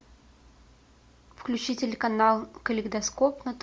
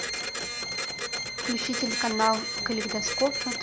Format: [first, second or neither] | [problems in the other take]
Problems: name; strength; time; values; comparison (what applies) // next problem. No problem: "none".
first | background sound (Bowed string instrument + Printer); 1 dB below the speech